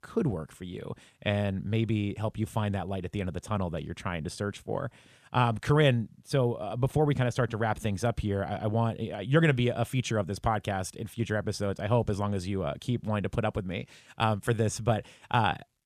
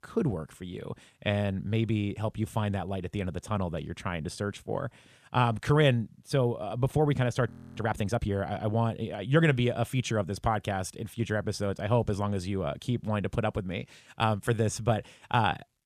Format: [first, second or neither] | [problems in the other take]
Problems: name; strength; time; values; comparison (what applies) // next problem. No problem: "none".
first | audio freezing; at 7.5 s